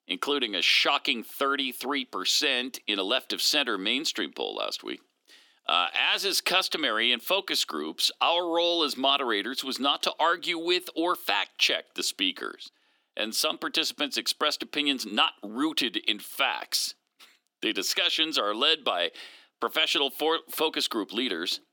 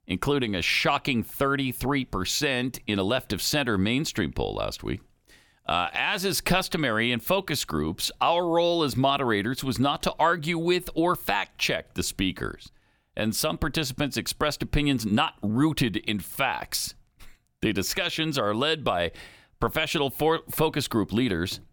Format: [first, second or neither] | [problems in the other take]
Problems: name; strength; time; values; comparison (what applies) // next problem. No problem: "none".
second | thin; very slightly; fading below 250 Hz